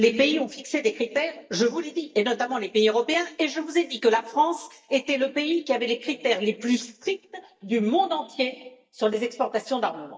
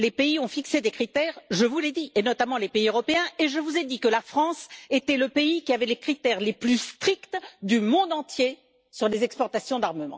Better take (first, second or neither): second